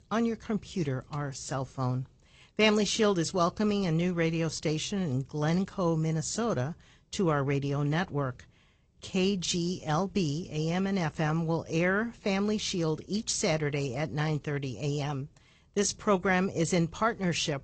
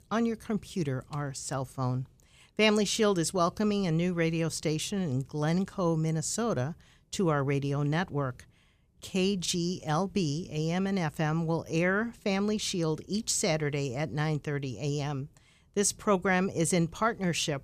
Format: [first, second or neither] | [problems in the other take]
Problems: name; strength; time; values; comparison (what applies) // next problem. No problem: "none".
second | garbled, watery; slightly; nothing above 8 kHz